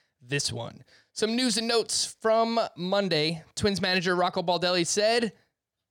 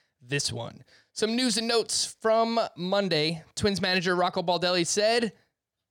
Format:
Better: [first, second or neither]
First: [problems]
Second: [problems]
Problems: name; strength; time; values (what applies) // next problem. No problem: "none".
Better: neither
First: none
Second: none